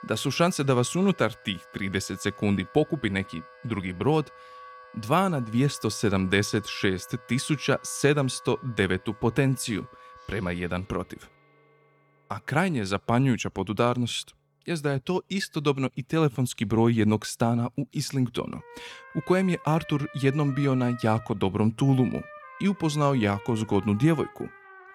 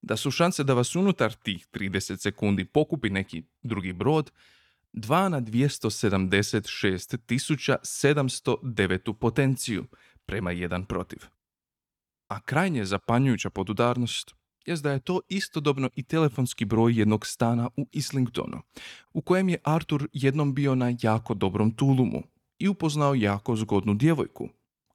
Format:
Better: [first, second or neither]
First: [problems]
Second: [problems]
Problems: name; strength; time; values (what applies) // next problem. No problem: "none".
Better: second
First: background music; faint; throughout; 20 dB below the speech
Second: none